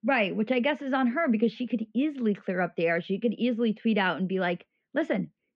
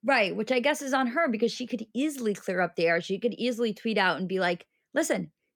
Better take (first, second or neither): second